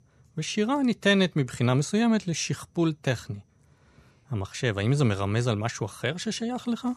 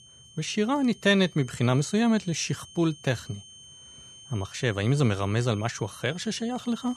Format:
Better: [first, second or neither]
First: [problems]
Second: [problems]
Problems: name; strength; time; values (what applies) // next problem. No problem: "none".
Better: first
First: none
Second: high-pitched whine; faint; throughout; 3 kHz, 20 dB below the speech